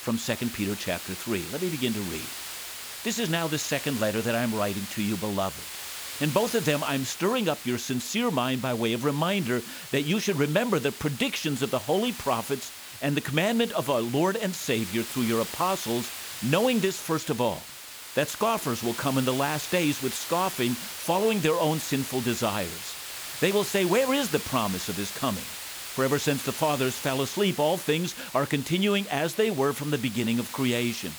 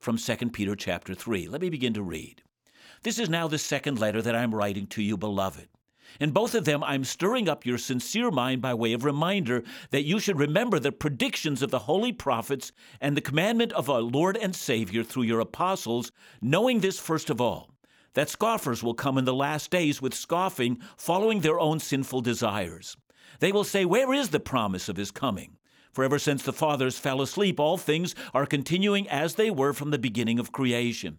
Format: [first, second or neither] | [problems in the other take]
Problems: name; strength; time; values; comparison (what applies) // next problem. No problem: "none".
second | hiss; loud; throughout; 8 dB below the speech